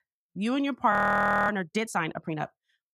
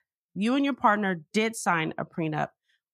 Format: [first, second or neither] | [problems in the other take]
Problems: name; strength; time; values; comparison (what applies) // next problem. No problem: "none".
second | audio freezing; at 1 s for 0.5 s